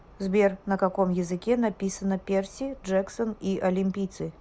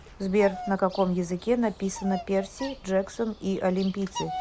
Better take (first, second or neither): first